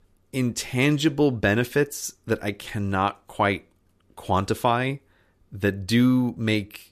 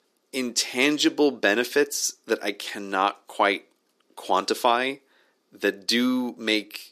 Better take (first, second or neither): first